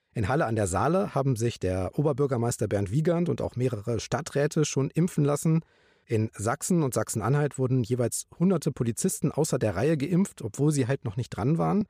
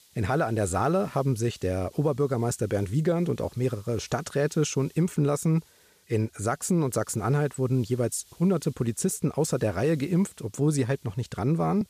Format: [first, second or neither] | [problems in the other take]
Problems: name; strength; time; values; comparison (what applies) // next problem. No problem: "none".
first | hiss; faint; throughout; 30 dB below the speech